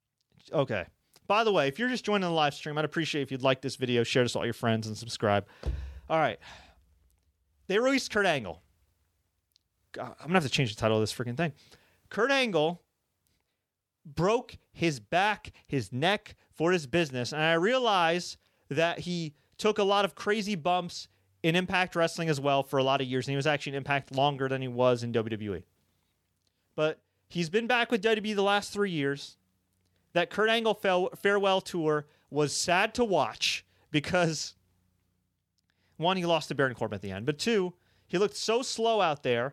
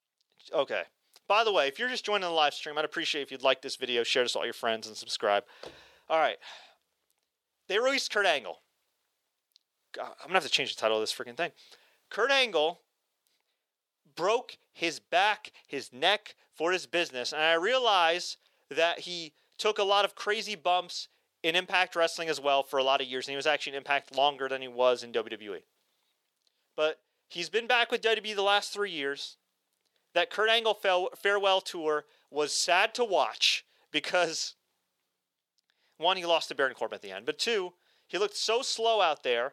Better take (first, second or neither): first